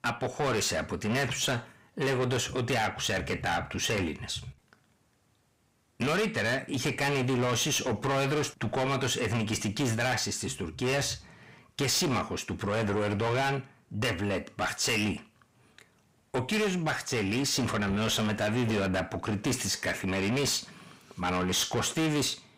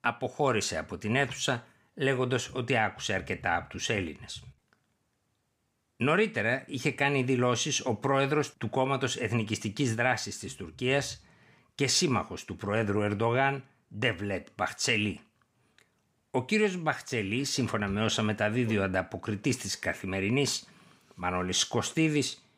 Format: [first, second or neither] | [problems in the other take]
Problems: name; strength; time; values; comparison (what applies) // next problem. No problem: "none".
second | distortion; heavy; 5 dB below the speech